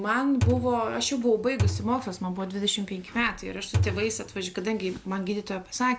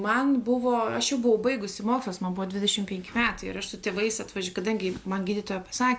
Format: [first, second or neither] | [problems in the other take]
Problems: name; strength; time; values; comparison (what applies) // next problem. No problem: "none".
second | background sound (Thump, thud); 2 dB below the speech